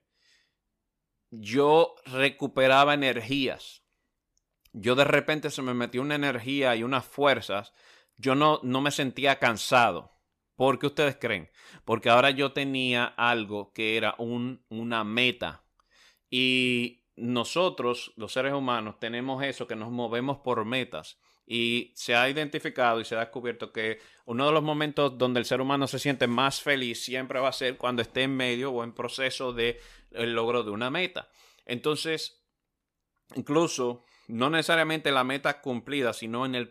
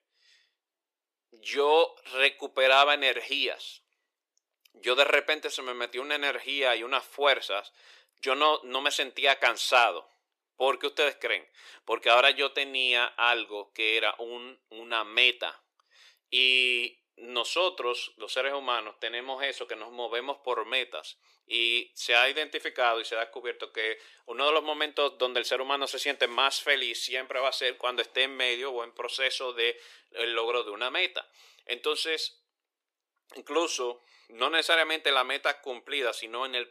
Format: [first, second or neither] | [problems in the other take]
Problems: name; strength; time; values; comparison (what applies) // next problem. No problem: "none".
first | thin; very; fading below 350 Hz